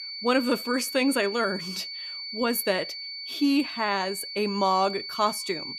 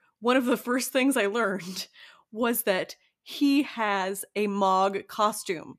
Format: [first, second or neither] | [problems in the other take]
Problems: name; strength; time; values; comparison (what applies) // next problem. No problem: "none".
second | high-pitched whine; loud; throughout; 4.5 kHz, 8 dB below the speech